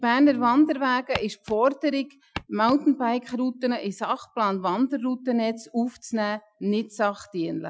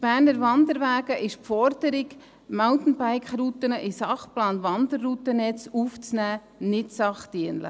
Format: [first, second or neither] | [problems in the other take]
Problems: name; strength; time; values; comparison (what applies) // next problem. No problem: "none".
second | noise reduction (classical method Wiener filter)